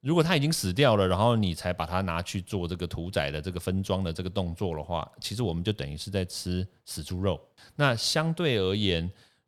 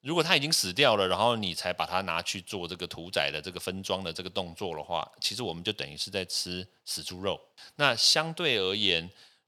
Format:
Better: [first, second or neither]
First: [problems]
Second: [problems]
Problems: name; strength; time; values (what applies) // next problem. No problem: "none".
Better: first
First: none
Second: thin; somewhat; fading below 500 Hz